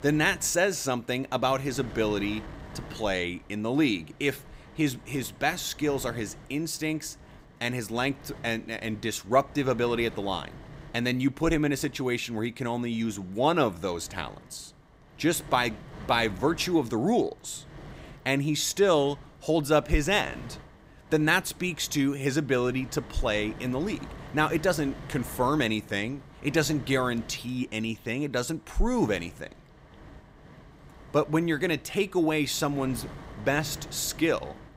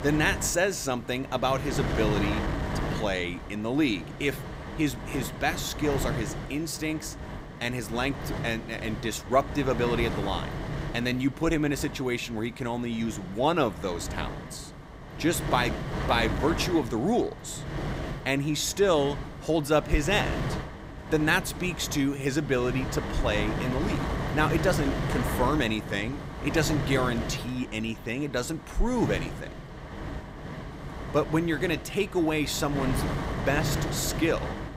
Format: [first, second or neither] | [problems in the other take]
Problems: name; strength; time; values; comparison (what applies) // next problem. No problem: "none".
first | wind noise on the microphone; heavy; 8 dB below the speech; occasional gusts in the first